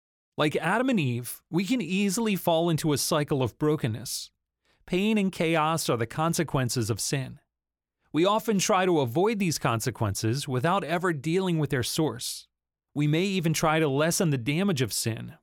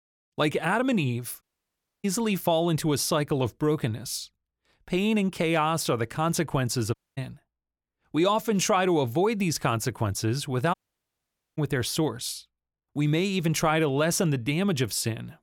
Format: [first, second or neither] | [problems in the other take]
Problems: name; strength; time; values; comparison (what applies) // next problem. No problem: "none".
first | audio cutting out; at 1.5 s for 0.5 s, at 7 s and at 11 s for 1 s